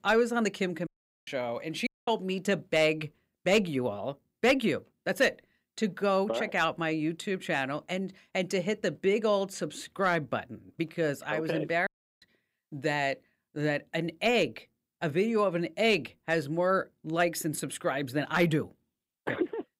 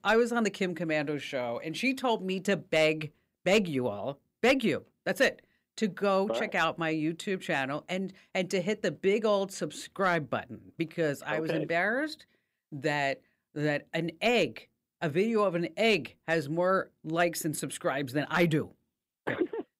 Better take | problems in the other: second | audio cutting out; at 1 s, at 2 s and at 12 s

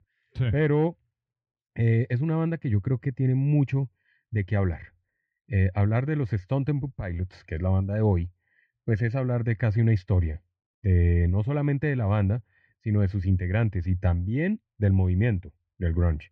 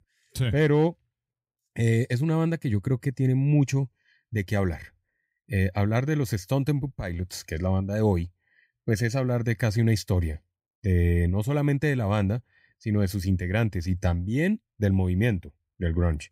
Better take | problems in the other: second | muffled; very; fading above 2.5 kHz

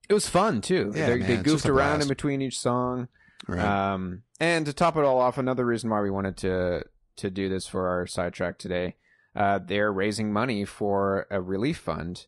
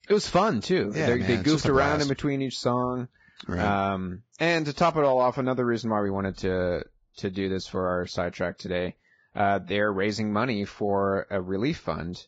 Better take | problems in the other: first | garbled, watery; badly; nothing above 7.5 kHz; slightly in the first

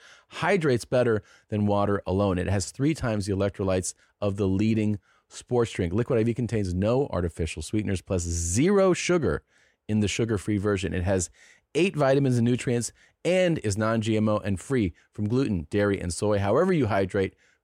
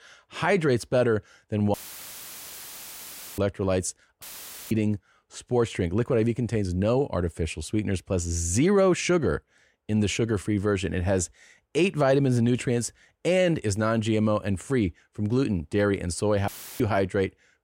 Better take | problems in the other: first | audio cutting out; filled with static; at 1.5 s for 1.5 s, at 4 s and at 16 s

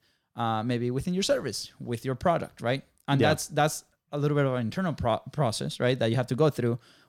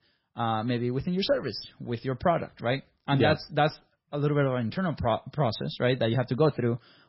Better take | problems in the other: first | garbled, watery; badly; nothing above 5.5 kHz

